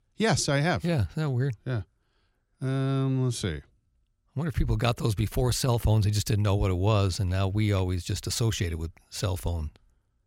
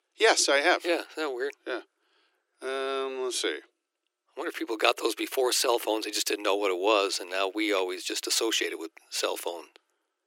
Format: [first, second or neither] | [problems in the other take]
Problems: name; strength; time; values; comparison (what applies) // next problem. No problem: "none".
first | thin; very; fading below 300 Hz